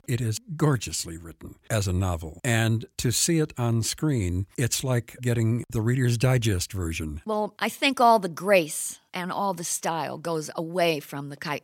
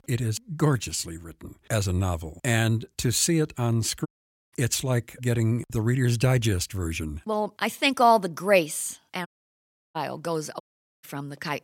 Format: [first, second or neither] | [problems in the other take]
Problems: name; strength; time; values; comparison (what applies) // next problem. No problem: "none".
first | audio cutting out; at 4 s, at 9.5 s for 0.5 s and at 11 s